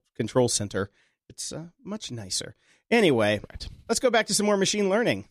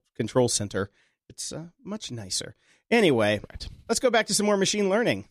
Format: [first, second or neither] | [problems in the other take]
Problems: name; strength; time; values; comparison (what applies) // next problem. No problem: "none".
neither | none